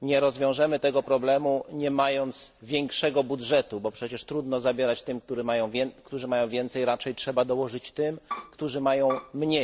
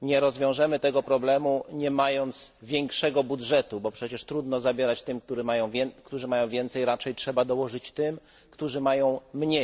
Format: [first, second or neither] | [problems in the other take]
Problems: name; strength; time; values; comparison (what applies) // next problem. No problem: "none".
second | background sound (Bowed string instrument); 11 dB below the speech